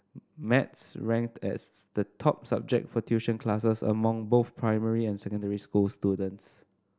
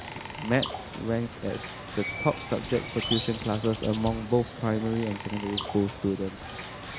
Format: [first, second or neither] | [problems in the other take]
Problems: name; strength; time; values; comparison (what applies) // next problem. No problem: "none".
first | background sound (Bird); 8 dB below the speech